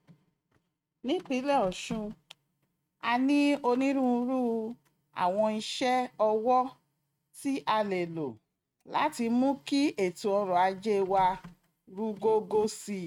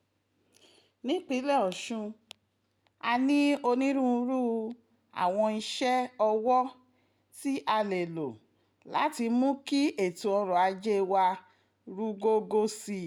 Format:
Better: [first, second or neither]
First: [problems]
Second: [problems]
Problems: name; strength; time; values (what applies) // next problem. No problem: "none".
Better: second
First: noise reduction (neural mask model RNNoise)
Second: none